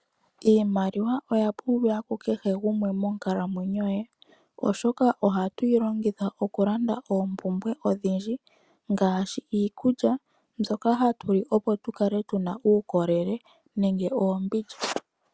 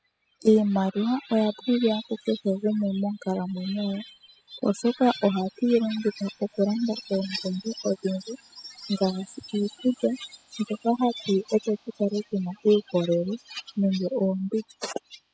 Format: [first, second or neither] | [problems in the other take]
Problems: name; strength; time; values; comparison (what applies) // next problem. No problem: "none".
first | noise reduction (classical method spectral subtraction)